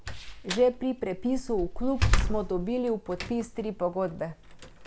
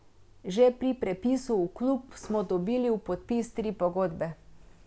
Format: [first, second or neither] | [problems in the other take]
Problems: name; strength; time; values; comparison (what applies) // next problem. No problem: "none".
second | background sound (Slam); 1 dB below the speech